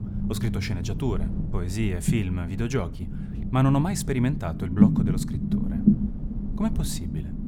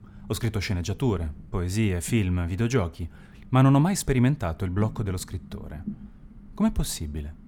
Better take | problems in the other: second | low rumble; loud; throughout; 3 dB below the speech; faint in the second

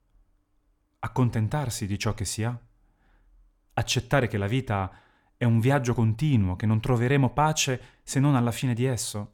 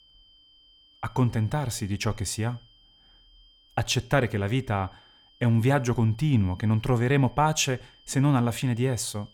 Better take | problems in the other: first | high-pitched whine; faint; throughout; 3 kHz, 30 dB below the speech

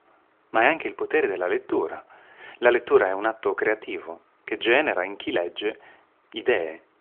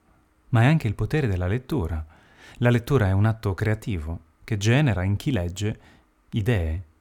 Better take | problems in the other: second | phone-call audio; nothing above 3.5 kHz

